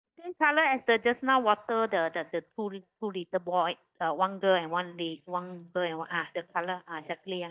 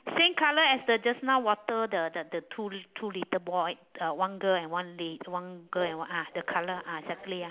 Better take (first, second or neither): second